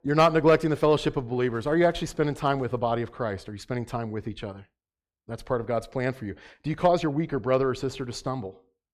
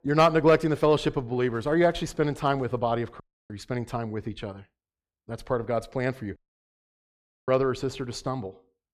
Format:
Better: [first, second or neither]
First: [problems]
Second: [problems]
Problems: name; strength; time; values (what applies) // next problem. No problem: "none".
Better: first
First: none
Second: audio cutting out; at 3 s and at 6.5 s for 1 s